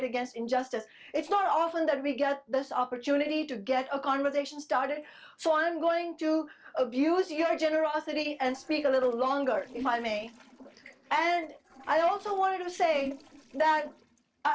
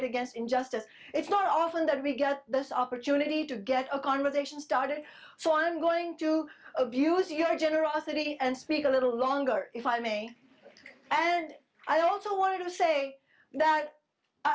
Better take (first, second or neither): second